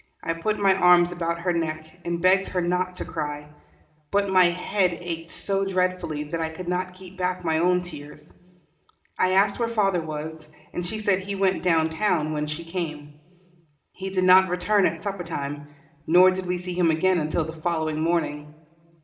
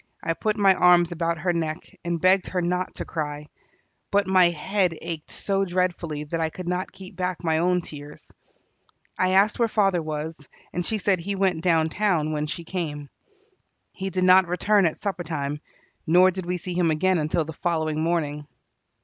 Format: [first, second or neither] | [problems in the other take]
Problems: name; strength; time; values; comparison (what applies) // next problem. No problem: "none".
second | room echo; dies away in 1.2 s